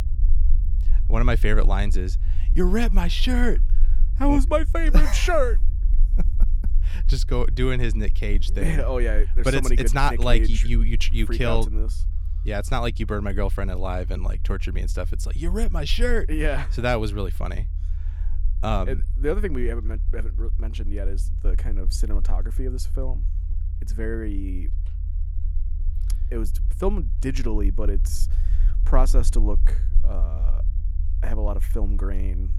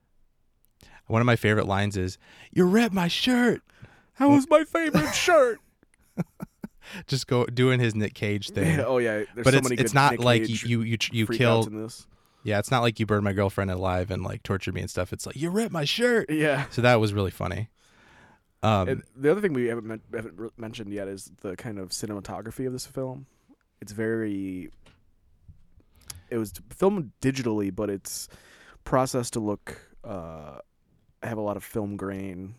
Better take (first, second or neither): second